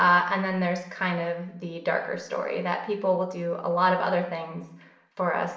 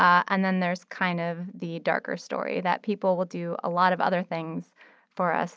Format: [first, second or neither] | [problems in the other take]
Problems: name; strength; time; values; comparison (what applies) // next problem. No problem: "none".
second | room echo; dies away in 0.7 s